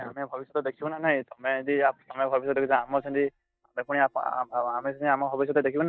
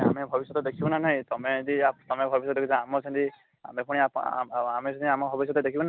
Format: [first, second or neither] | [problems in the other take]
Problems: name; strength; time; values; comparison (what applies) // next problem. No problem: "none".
second | noise reduction (neural mask model DeepFilterNet 3)